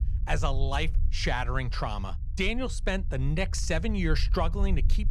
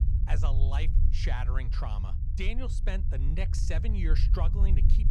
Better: first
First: low rumble; faint; throughout; 20 dB below the speech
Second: low rumble; loud; throughout; 7 dB below the speech

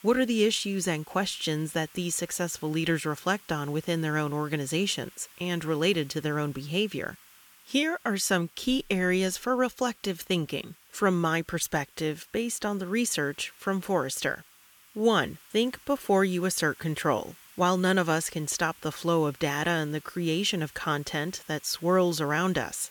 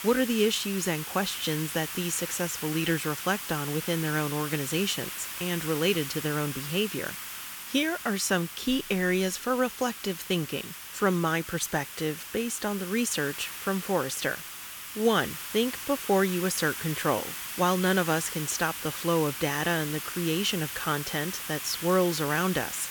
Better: first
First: hiss; faint; throughout; 25 dB below the speech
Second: hiss; loud; throughout; 7 dB below the speech

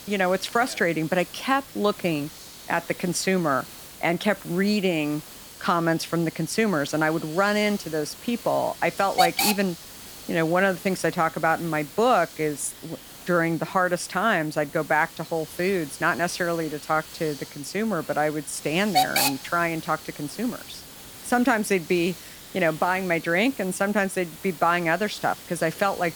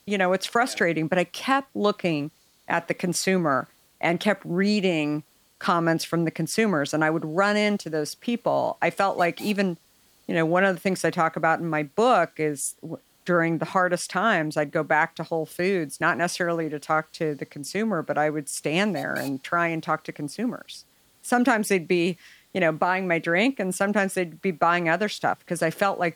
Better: second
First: hiss; loud; throughout; 10 dB below the speech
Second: hiss; faint; throughout; 30 dB below the speech

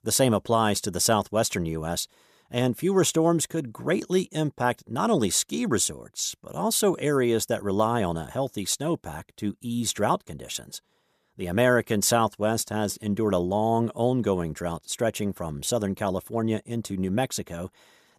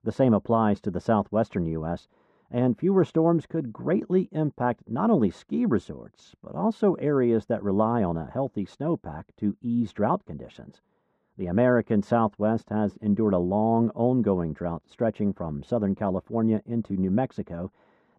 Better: first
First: none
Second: muffled; very; fading above 1 kHz

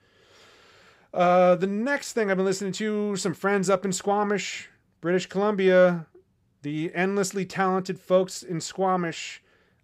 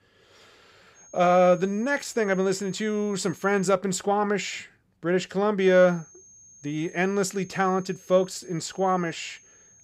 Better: first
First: none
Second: high-pitched whine; faint; from 1 to 3.5 s and from 5.5 s on; 6.5 kHz, 25 dB below the speech

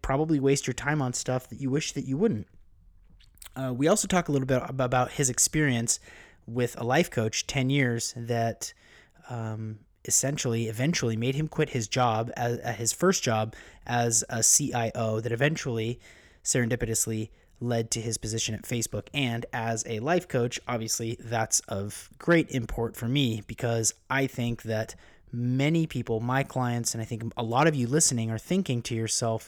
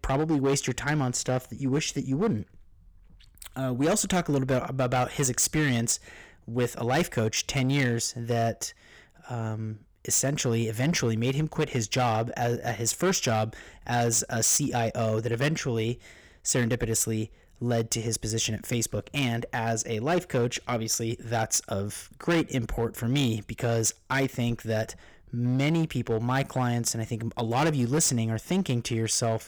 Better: first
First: none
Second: distortion; slight; 8% of the sound clipped

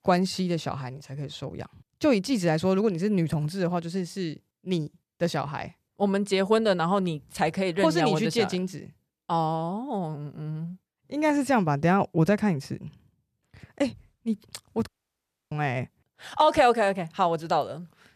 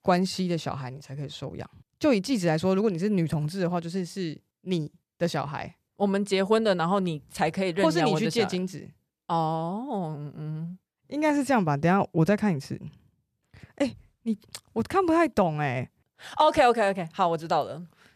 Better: second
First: audio cutting out; at 15 s for 0.5 s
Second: none

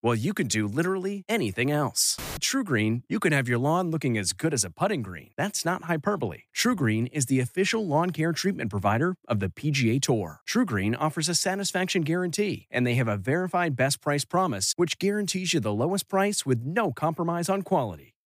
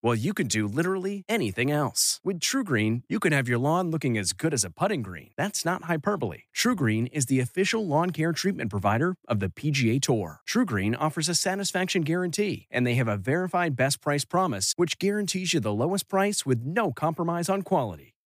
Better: second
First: audio cutting out; filled with static; at 2 s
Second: none

